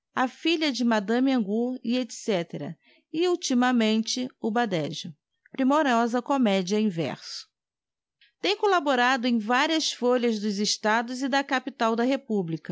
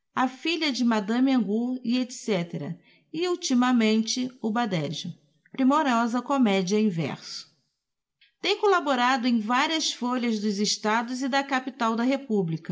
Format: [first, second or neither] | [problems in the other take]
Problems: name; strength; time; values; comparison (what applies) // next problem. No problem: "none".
first | room echo; dies away in 0.5 s